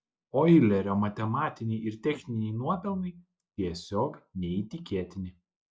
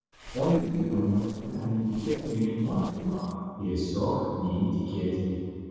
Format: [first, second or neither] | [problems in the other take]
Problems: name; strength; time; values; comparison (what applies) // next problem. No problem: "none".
first | noise reduction (neural separator model SepFormer DNS4)